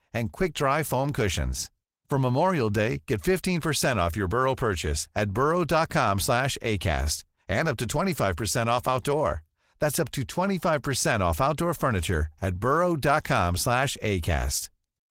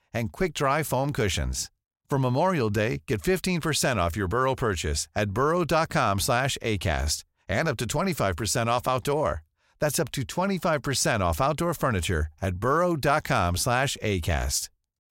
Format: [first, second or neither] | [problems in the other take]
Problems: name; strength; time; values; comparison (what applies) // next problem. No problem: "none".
second | garbled, watery; slightly; nothing above 16 kHz